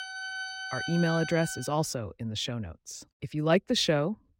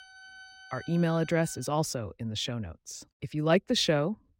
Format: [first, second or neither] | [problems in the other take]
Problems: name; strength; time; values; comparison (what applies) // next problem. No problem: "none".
second | background music; loud; until 1.5 s; 7 dB below the speech; faint in the second